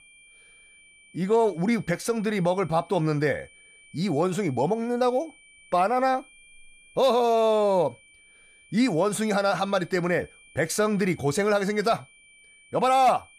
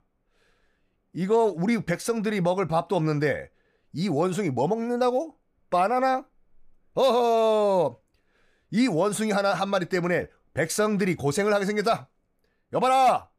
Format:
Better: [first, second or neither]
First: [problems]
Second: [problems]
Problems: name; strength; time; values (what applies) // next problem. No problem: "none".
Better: second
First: high-pitched whine; faint; throughout; 2.5 kHz, 25 dB below the speech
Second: none